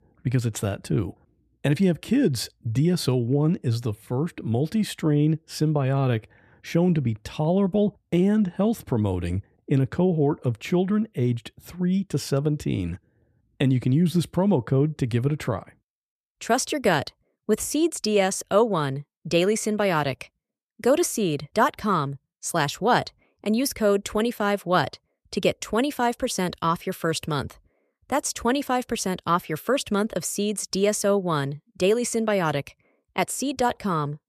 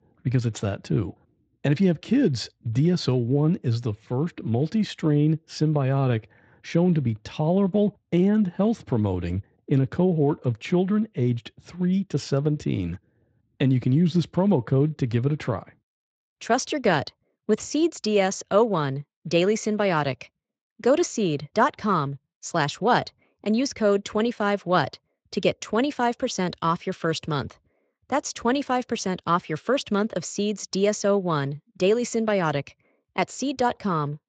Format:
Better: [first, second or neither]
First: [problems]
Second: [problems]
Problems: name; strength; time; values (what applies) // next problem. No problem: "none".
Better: first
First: none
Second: garbled, watery; slightly; nothing above 7.5 kHz